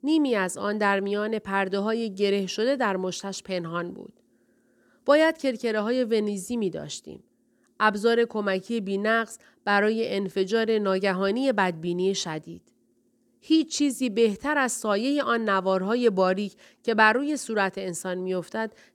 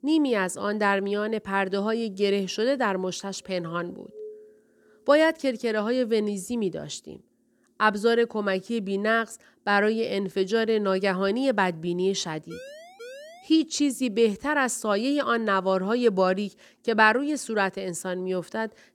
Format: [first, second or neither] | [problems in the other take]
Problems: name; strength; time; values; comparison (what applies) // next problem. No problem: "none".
first | doorbell; faint; from 3.5 to 4.5 s; peak 15 dB below the speech // siren; faint; at 13 s; peak 15 dB below the speech